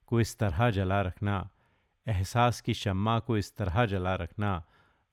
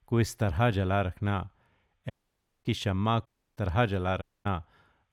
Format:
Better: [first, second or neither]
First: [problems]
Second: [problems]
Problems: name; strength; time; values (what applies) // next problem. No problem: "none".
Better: first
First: none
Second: audio cutting out; at 2 s for 0.5 s, at 3.5 s and at 4 s